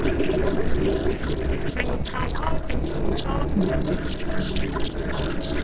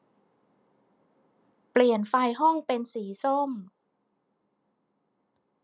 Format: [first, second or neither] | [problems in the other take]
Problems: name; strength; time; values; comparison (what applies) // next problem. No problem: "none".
second | noise reduction (neural separator model SepFormer DNS4)